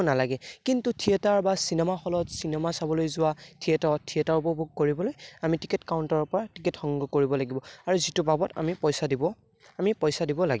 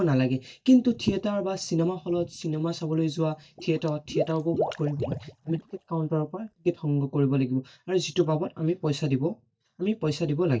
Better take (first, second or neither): first